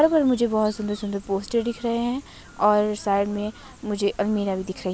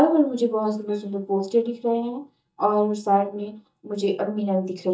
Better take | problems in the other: first | noise reduction (neural mask model DeepFilterNet 3)

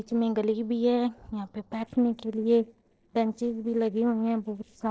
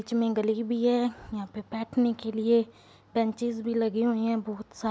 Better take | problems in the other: second | noise reduction (neural separator model SepFormer DNS4)

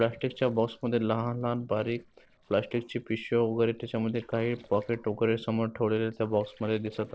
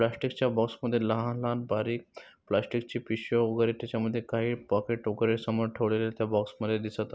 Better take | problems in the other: second | noise reduction (neural separator model SepFormer DNS4)

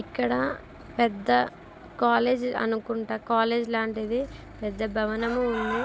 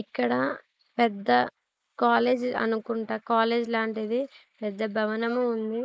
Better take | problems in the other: first | noise reduction (neural mask model Resemble Enhance denoiser)

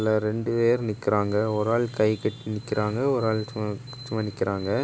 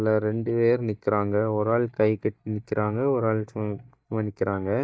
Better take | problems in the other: first | noise reduction (neural mask model DeepFilterNet 3)

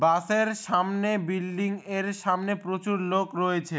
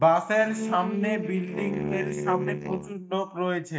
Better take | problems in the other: first | noise reduction (neural mask model DeepFilterNet 3)

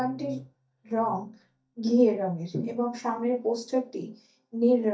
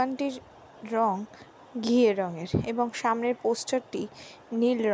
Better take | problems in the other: second | noise reduction (neural mask model DeepFilterNet 3)

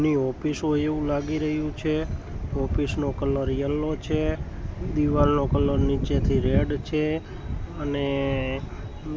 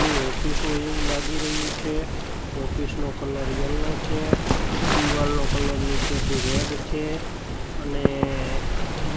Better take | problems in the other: first | background sound (Knock / Wood + Waves, surf); 3 dB above the speech

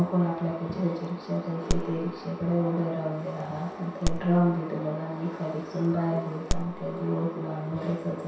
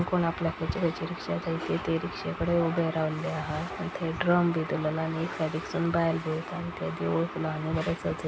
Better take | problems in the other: second | background sound (Crack); 5 dB below the speech // room echo; dies away in 0.7 s

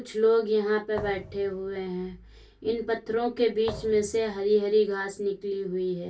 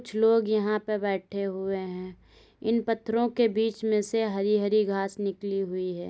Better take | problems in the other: second | background sound (Thump, thud); 17 dB below the speech // room echo; dies away in 0.1 s

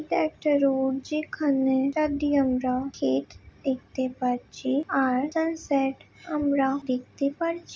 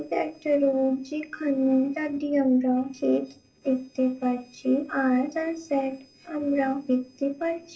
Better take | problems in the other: first | noise reduction (neural separator model SepFormer DNS4)

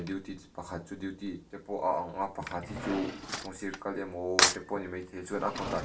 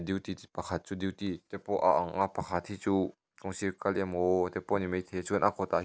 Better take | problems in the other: second | background sound (Cutlery, silverware / Drawer open or close); 1 dB below the speech // room echo; dies away in 0.3 s

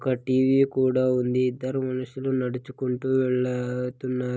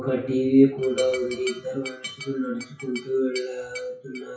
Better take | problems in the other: first | noise reduction (classical method WPE with log-MMSE)

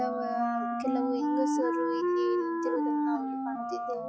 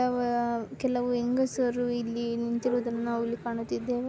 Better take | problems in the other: second | noise reduction (classical method log-MMSE)

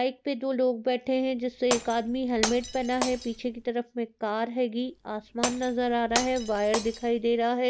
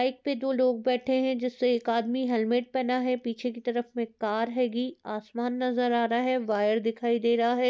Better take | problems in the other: second | background sound (Glass); 8 dB below the speech

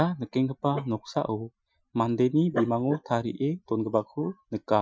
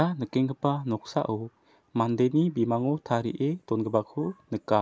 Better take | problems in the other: second | noise reduction (classical method Wiener filter)

